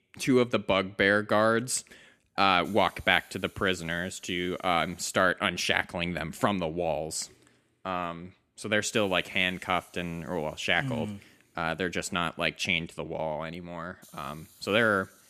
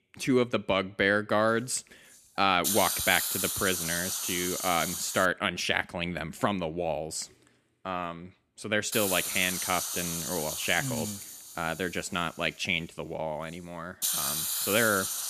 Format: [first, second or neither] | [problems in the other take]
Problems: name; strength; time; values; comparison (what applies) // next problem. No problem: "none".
first | hiss; loud; from 1.5 to 5.5 s and from 9 s on; 1 dB below the speech; faint in the first